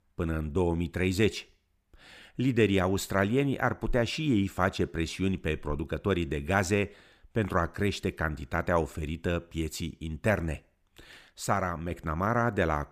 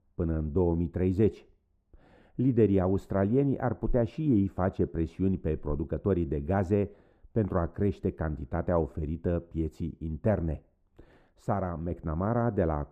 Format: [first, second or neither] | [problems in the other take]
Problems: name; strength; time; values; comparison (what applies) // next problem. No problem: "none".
first | muffled; very; fading above 1.5 kHz